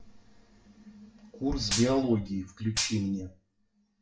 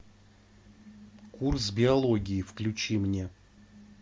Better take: second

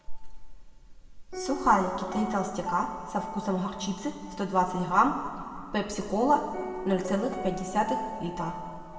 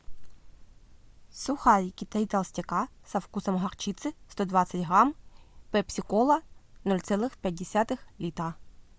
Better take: second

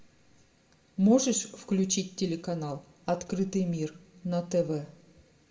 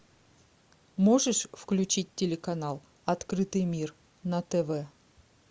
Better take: second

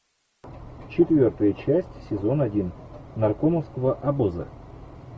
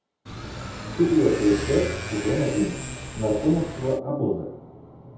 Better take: first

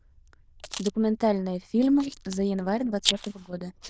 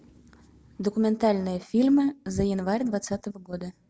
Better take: second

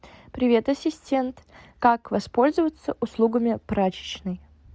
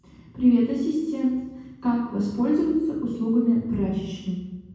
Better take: first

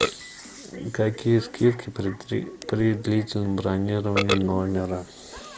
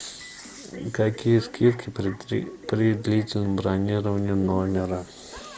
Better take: second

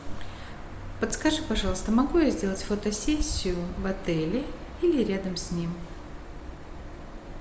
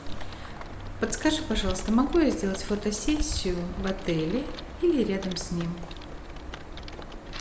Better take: first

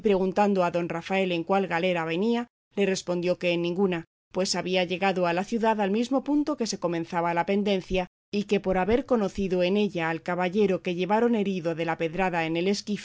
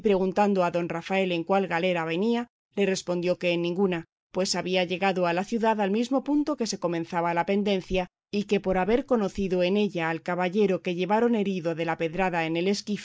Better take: first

